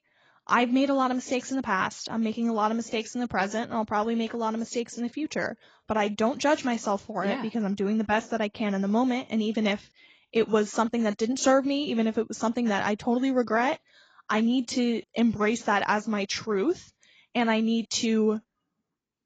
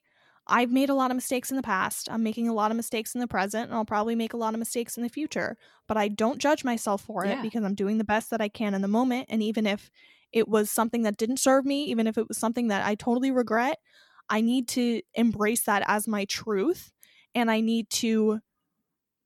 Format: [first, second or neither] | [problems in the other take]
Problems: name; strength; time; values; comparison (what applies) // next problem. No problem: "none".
second | garbled, watery; badly; nothing above 7.5 kHz